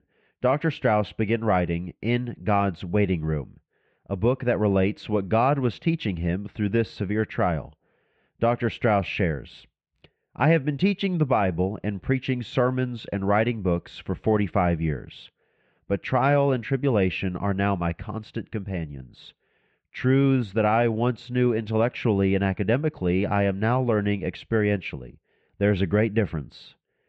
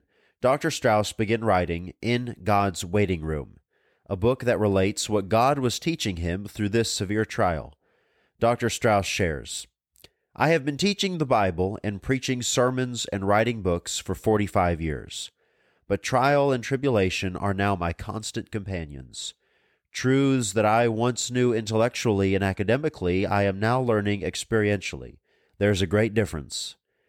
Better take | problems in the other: second | muffled; very; fading above 3 kHz

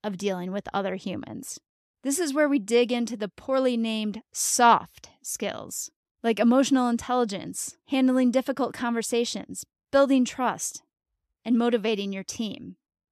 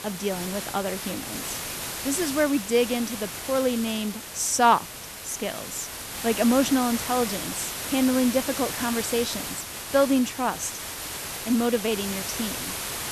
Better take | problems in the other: first | hiss; loud; throughout; 6 dB below the speech

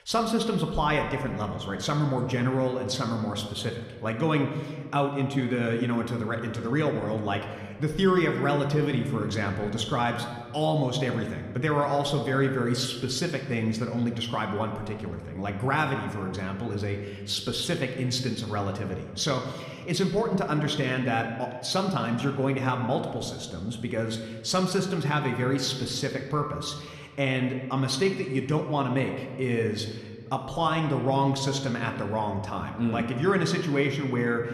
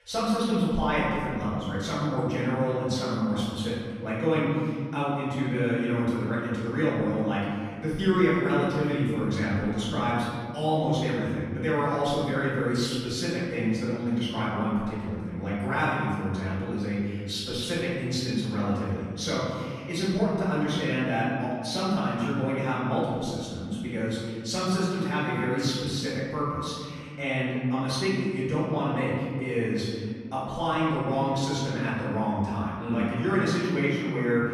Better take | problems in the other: first | room echo; strong; dies away in 2 s; slight in the first // off-mic speech; far

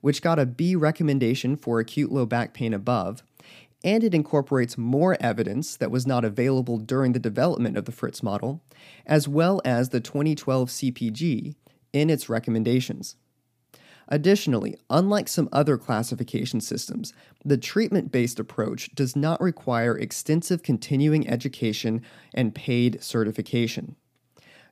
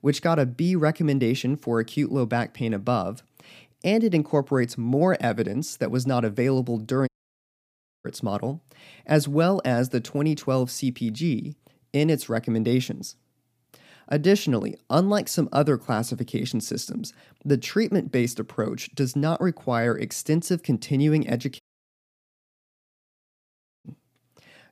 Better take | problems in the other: first | audio cutting out; at 7 s for 1 s and at 22 s for 2 s

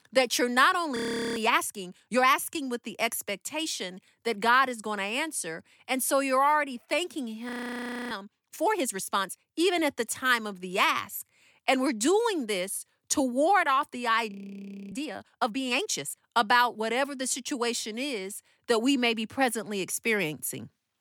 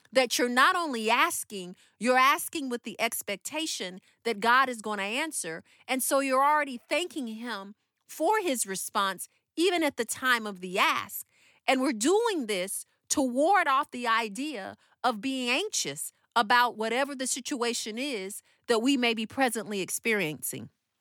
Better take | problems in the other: second | audio freezing; at 1 s, at 7.5 s for 0.5 s and at 14 s for 0.5 s

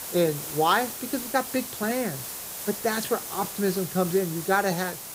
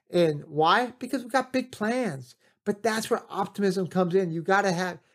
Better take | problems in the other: second | hiss; loud; throughout; 6 dB below the speech

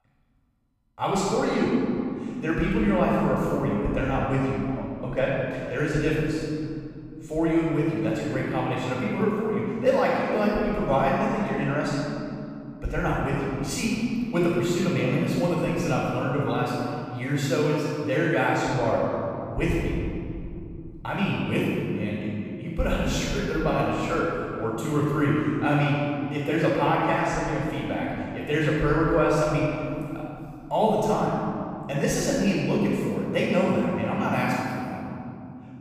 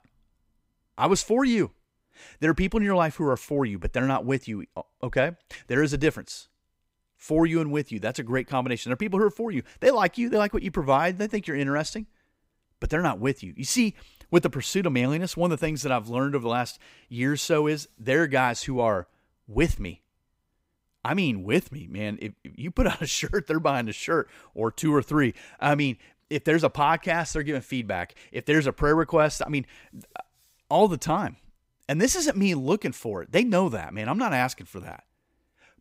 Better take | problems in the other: second | off-mic speech; far // room echo; strong; dies away in 2.9 s

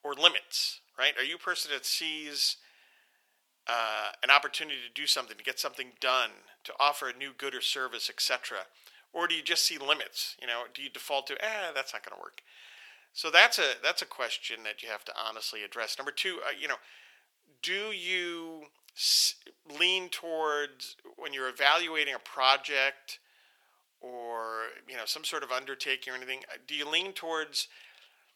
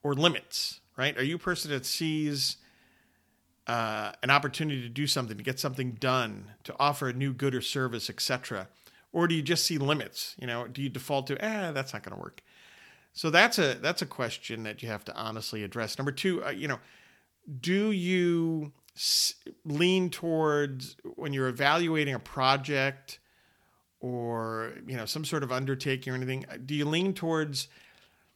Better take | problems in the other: second | thin; very; fading below 550 Hz

